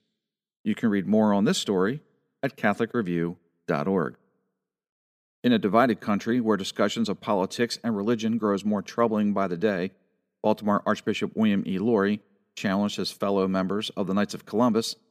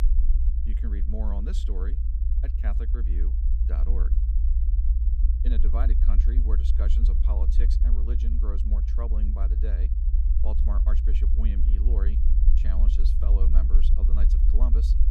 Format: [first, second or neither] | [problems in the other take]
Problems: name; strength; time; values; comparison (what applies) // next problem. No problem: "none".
first | low rumble; loud; throughout; 2 dB below the speech